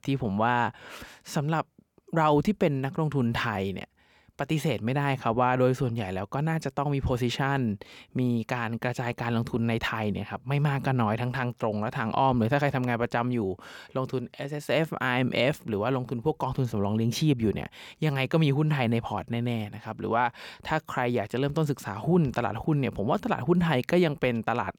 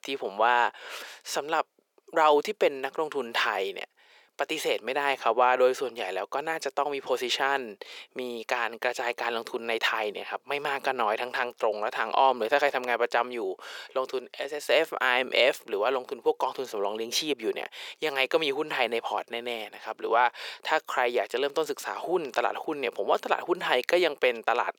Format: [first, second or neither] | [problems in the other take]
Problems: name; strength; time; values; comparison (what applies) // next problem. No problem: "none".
first | thin; very; fading below 450 Hz